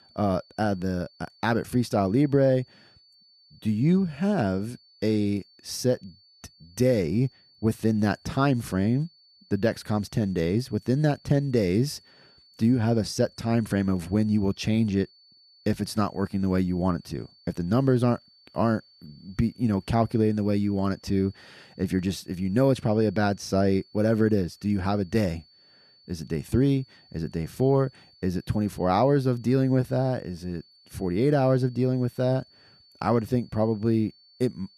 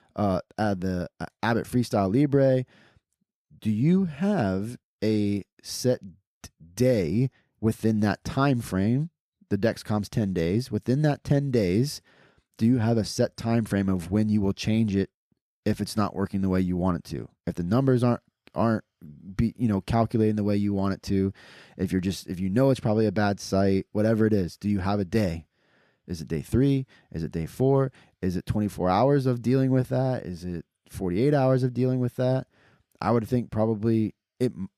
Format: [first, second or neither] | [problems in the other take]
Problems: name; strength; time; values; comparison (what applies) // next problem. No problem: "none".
second | high-pitched whine; faint; throughout; 4.5 kHz, 30 dB below the speech